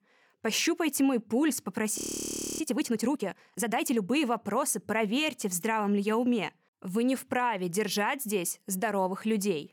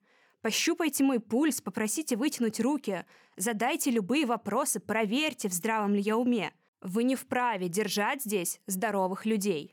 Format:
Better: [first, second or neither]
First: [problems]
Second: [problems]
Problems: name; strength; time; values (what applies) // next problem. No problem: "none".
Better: second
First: audio freezing; at 2 s for 0.5 s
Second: none